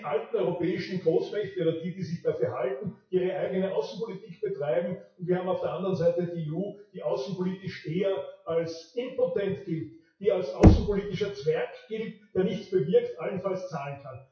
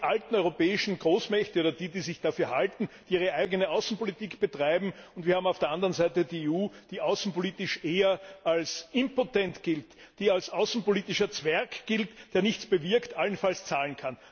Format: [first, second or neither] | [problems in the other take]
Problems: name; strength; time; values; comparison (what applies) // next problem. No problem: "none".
second | noise reduction (classical method WPE with log-MMSE)